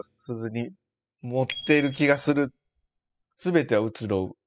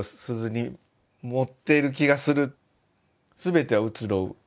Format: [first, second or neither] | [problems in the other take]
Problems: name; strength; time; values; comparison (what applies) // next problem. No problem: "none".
second | noise reduction (classical method spectral subtraction)